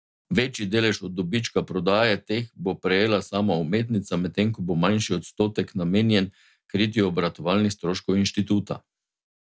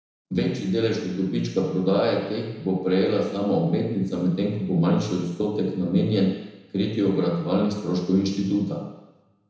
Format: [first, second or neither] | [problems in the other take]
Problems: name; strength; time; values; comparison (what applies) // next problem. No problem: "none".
first | room echo; dies away in 1 s